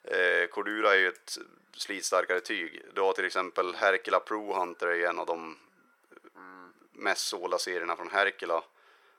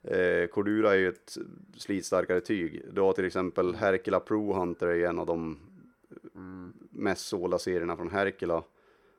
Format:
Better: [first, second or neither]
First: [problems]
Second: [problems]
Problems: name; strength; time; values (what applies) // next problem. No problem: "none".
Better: second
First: thin; very; fading below 750 Hz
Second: none